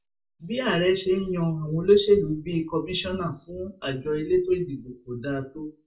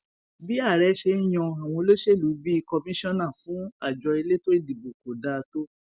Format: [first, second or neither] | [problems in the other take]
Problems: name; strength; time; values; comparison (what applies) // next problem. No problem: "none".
second | room echo; dies away in 0.2 s